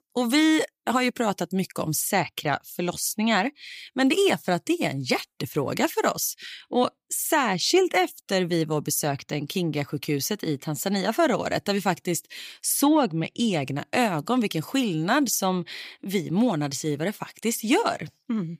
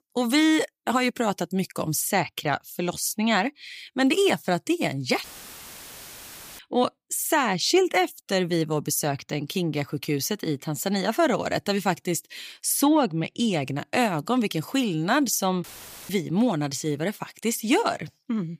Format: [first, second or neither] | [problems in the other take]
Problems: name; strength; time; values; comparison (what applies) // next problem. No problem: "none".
first | audio cutting out; filled with static; at 5 s for 1.5 s and at 16 s